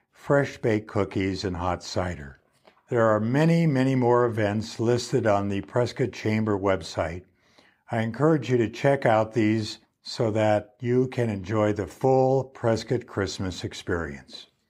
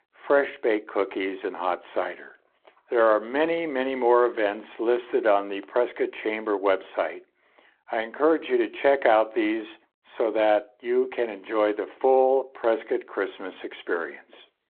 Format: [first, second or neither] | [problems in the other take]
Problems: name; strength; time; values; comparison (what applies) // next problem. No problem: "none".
first | phone-call audio